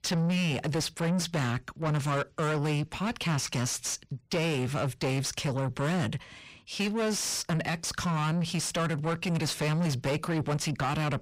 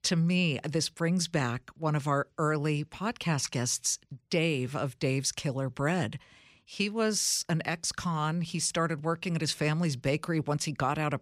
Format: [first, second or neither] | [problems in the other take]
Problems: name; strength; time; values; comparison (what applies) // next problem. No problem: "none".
second | distortion; heavy; 7 dB below the speech